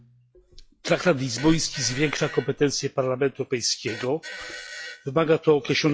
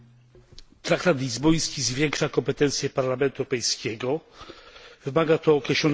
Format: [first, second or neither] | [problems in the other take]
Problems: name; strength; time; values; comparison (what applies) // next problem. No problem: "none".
second | noise reduction (classical method log-MMSE)